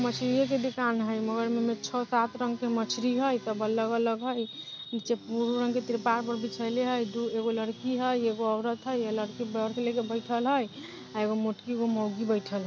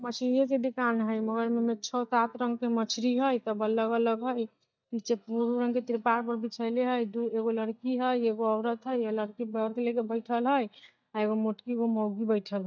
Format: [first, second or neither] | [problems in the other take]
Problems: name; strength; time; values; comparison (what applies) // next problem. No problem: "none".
first | noise reduction (neural mask model DeepFilterNet 3)